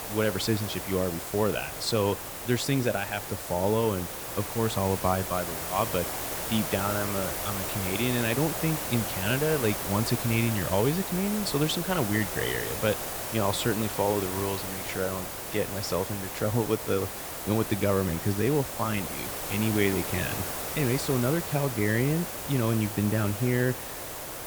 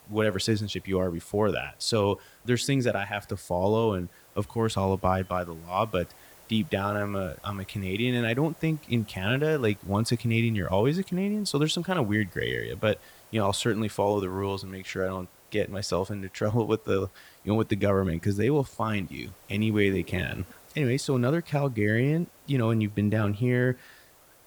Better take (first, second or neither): second